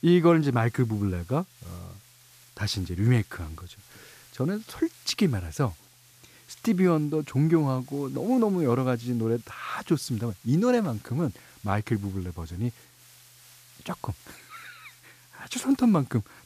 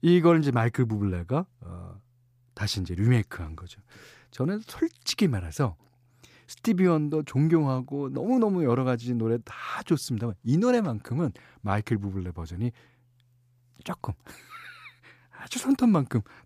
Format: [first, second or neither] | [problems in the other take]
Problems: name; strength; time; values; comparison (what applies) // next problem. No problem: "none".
second | hiss; faint; throughout; 25 dB below the speech